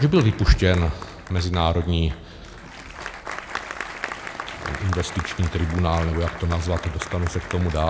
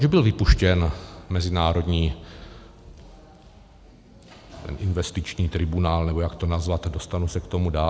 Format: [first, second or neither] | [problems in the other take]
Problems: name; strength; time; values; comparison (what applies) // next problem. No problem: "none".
second | background sound (Applause); 12 dB below the speech